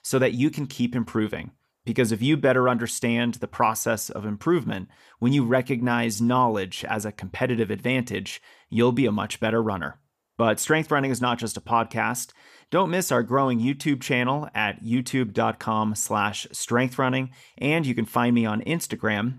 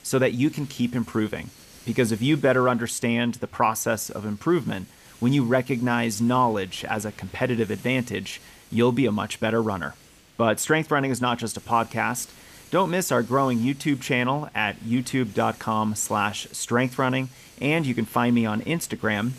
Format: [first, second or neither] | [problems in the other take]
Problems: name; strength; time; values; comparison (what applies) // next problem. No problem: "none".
first | hiss; faint; throughout; 25 dB below the speech